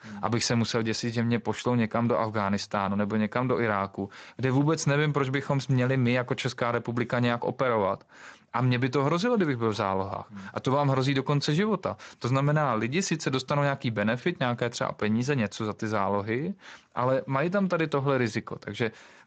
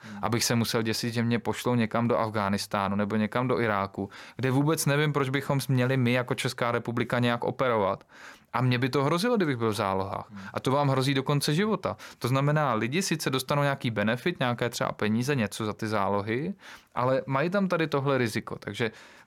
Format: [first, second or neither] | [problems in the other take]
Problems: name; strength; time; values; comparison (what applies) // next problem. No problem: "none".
second | garbled, watery; slightly; nothing above 7.5 kHz